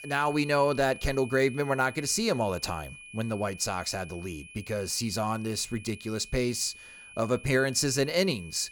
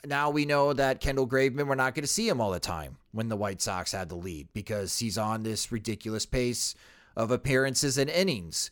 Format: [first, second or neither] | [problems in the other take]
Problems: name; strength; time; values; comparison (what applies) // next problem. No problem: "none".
second | high-pitched whine; noticeable; throughout; 2.5 kHz, 15 dB below the speech